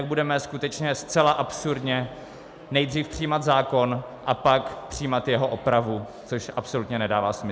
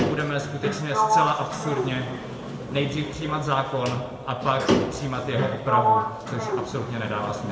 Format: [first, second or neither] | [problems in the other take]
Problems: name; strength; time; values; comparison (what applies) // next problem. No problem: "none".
first | background sound (Sliding door); as loud as the speech // room echo; dies away in 1.9 s